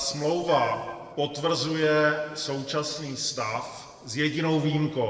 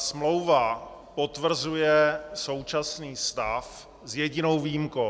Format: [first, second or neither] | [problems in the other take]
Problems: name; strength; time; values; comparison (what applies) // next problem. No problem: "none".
second | noise reduction (neural separator model SepFormer DNS4)